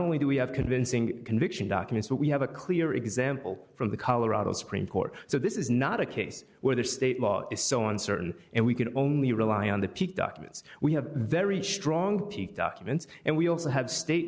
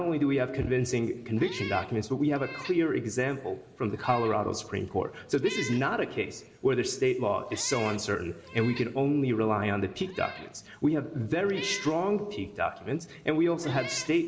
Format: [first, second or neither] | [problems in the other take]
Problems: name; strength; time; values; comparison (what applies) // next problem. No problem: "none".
first | background sound (Meow); 17 dB below the speech // room echo; dies away in 1.4 s